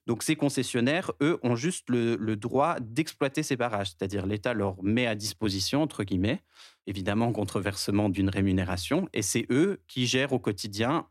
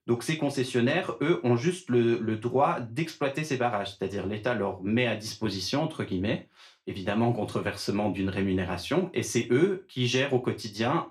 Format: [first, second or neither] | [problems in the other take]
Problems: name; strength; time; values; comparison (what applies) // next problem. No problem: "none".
first | room echo; very slight; dies away in 0.3 s // off-mic speech; somewhat distant